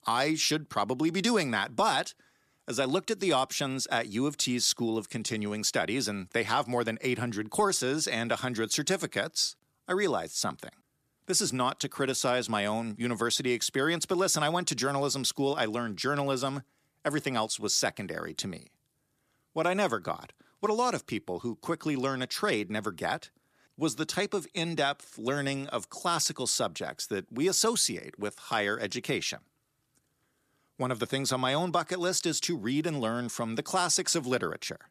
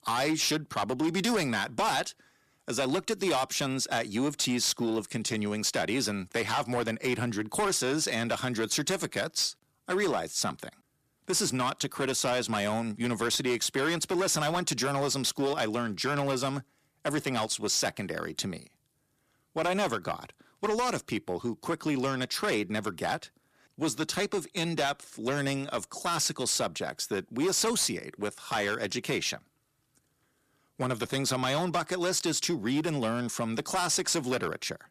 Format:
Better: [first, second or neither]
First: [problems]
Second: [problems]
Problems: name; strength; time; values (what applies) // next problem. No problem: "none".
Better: first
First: none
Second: distortion; slight; 9% of the sound clipped